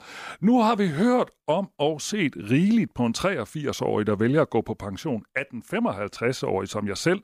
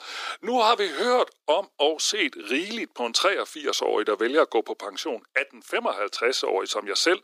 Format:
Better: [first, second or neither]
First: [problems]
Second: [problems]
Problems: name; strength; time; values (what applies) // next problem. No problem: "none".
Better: first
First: none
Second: thin; very; fading below 300 Hz